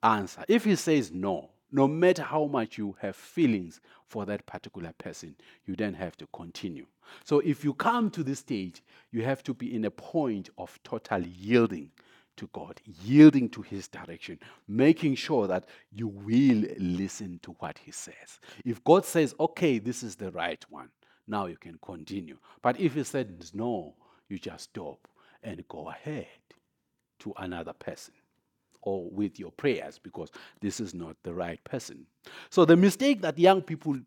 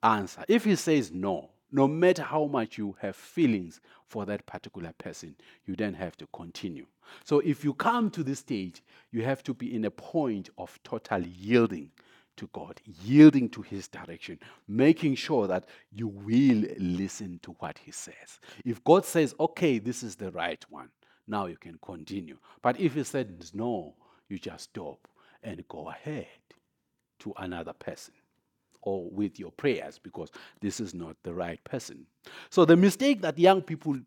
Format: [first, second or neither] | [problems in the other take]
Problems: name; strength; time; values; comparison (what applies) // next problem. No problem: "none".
neither | none